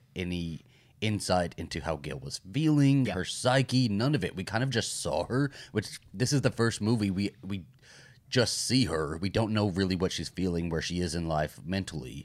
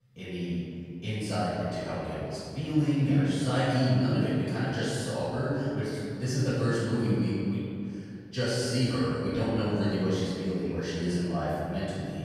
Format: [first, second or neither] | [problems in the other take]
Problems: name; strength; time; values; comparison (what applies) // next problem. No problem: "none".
first | off-mic speech; far // room echo; strong; dies away in 2.6 s